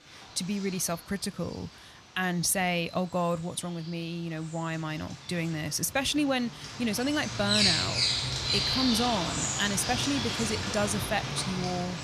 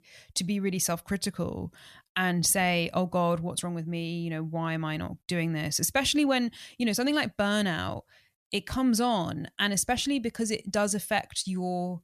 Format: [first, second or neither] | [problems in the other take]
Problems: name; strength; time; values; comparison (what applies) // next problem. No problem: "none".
second | animal sounds; very loud; throughout; 2 dB above the speech